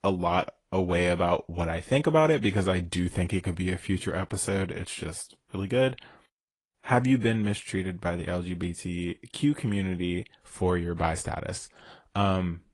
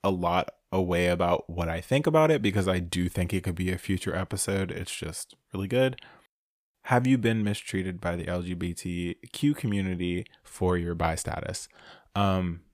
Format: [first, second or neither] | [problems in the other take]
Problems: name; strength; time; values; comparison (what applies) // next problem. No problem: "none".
second | garbled, watery; slightly; nothing above 10.5 kHz